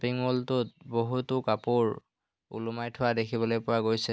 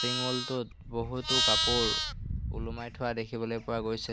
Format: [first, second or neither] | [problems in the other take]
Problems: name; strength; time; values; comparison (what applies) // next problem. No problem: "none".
first | background sound (Livestock, farm animals, working animals); 2 dB above the speech